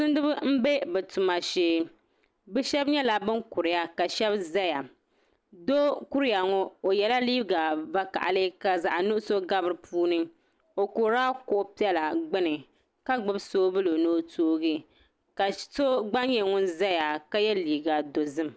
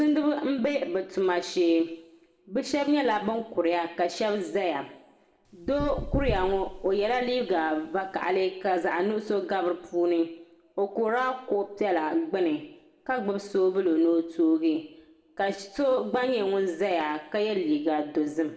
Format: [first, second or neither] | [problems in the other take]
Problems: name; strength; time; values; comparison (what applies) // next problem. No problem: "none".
first | background sound (Knock / Wood); 9 dB below the speech // room echo; dies away in 0.7 s